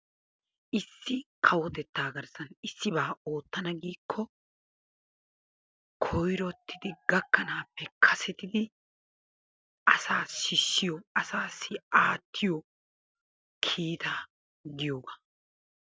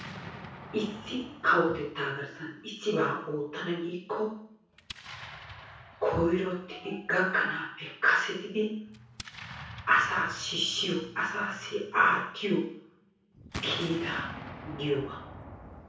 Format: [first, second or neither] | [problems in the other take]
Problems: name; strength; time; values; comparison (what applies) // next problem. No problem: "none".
first | background sound (Explosion); 16 dB below the speech // room echo; dies away in 0.6 s